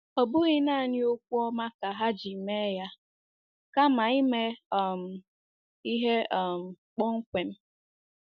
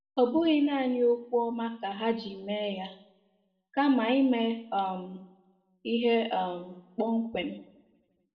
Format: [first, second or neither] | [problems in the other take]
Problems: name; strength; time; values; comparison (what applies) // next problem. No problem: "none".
first | room echo; dies away in 0.7 s